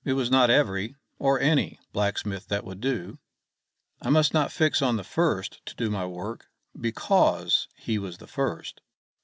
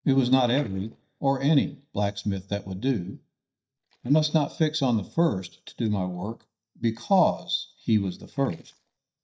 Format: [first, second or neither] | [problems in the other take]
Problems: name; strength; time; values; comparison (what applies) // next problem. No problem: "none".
first | noise reduction (neural mask model DeepFilterNet 3)